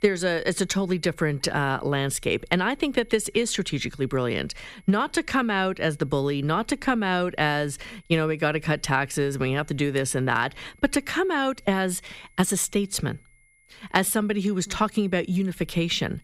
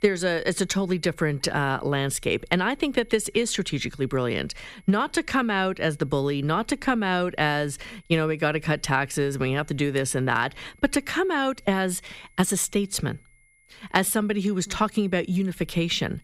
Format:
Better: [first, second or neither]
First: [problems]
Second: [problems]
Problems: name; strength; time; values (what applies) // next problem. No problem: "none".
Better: neither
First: high-pitched whine; faint; throughout; 2 kHz, 35 dB below the speech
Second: high-pitched whine; faint; throughout; 2 kHz, 35 dB below the speech